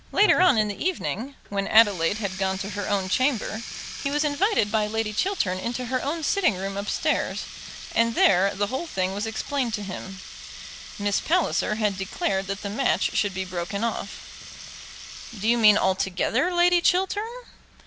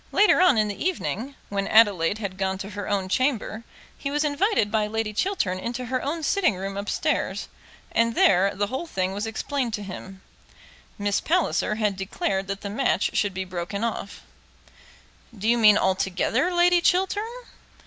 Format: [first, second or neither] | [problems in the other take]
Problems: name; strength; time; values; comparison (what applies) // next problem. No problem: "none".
second | background sound (Water tap, faucet); 13 dB below the speech